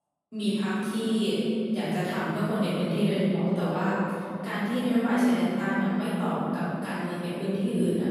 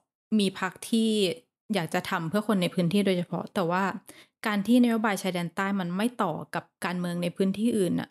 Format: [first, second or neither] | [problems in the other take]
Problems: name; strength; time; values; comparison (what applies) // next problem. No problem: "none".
second | off-mic speech; far // room echo; strong; dies away in 3 s